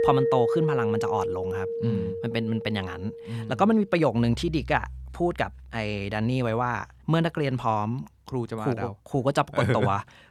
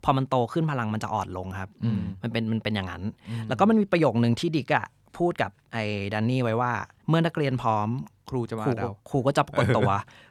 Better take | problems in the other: second | background music; loud; throughout; 3 dB below the speech

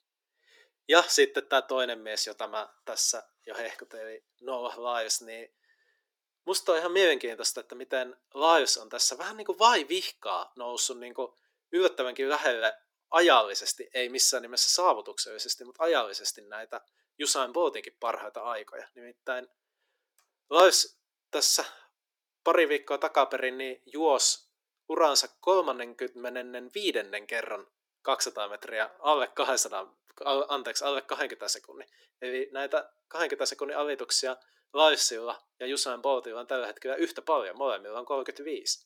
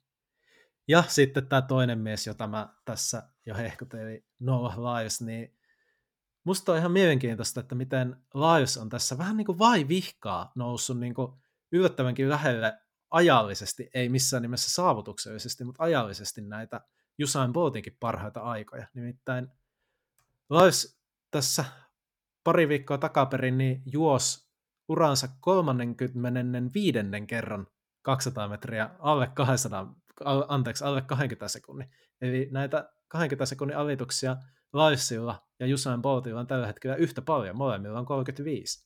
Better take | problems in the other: second | thin; very; fading below 350 Hz

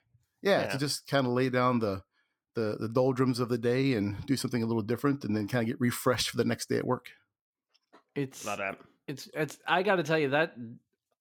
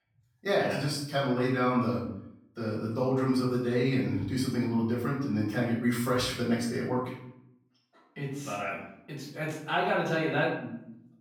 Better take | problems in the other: first | off-mic speech; far // room echo; noticeable; dies away in 0.6 s

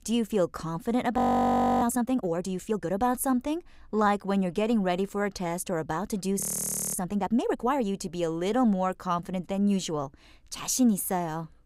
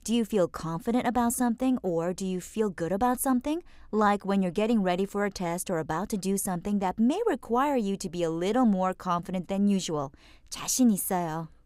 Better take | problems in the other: second | audio freezing; at 1 s for 0.5 s and at 6.5 s for 0.5 s

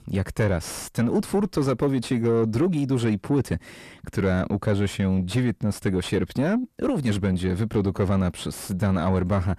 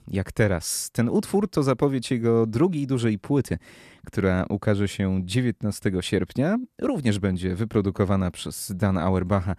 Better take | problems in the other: second | distortion; slight; 10 dB below the speech

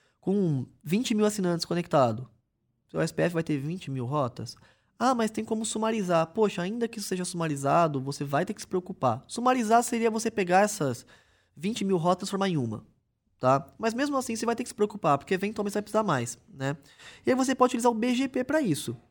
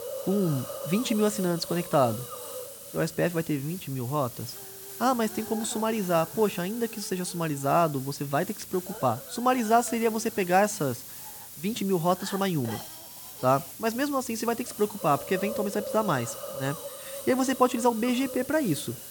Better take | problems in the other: first | hiss; noticeable; throughout; 10 dB below the speech

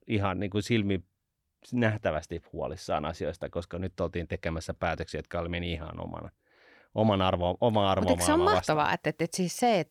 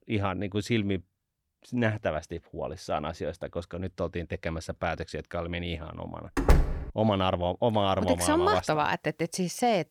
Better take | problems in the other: first | door banging; loud; at 6.5 s; peak 4 dB above the speech

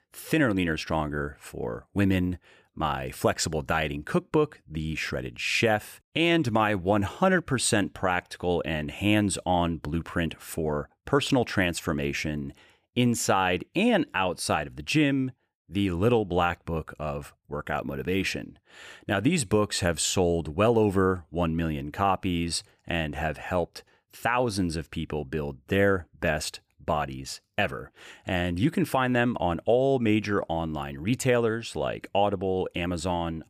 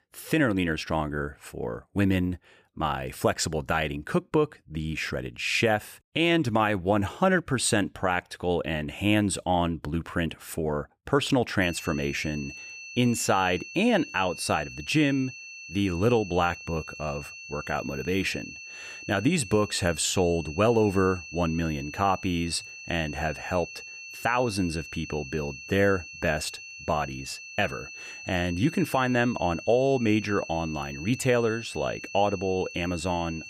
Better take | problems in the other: first | high-pitched whine; noticeable; from 12 s on; 2.5 kHz, 15 dB below the speech

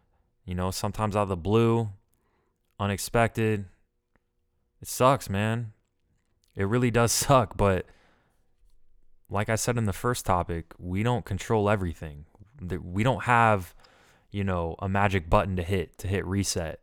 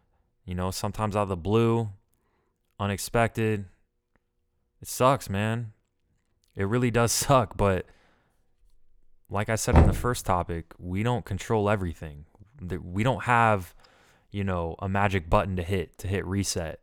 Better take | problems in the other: first | door banging; loud; at 9.5 s; peak 5 dB above the speech

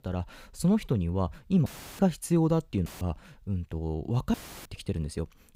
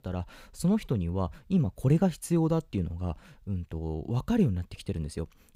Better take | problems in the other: second | audio cutting out; filled with static; at 1.5 s, at 3 s and at 4.5 s

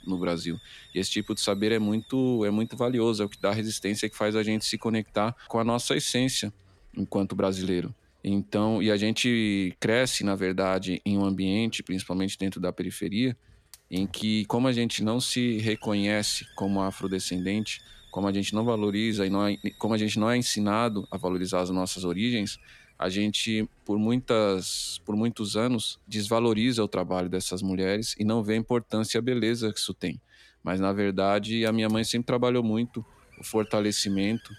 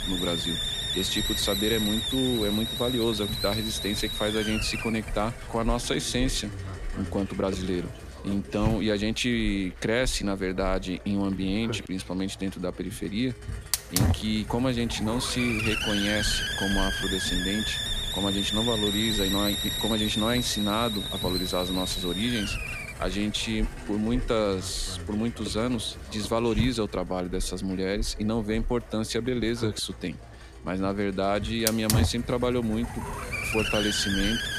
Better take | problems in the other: first | hiss; loud; throughout; 2 dB below the speech; faint in the first

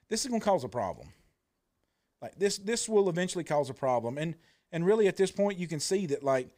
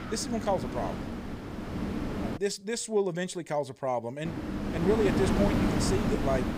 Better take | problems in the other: first | wind noise on the microphone; heavy; until 2.5 s and from 4.5 s on; 3 dB below the speech

